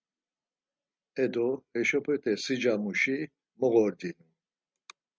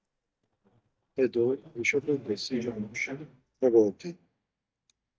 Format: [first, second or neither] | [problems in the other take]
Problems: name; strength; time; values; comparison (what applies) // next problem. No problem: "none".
first | noise reduction (neural mask model DeepFilterNet 3)